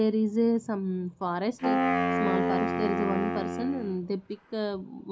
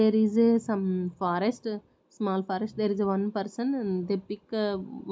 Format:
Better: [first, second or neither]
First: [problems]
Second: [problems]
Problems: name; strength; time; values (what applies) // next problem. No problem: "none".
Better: second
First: background sound (Wind instrument, woodwind instrument); as loud as the speech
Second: none